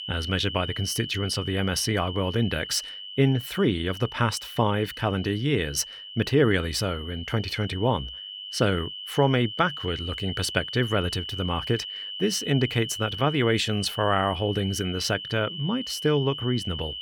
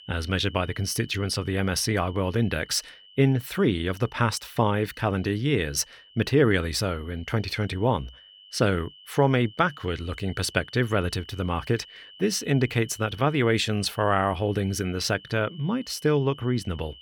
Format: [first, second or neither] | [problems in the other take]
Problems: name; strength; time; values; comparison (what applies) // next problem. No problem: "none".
second | high-pitched whine; loud; throughout; 3 kHz, 9 dB below the speech; faint in the second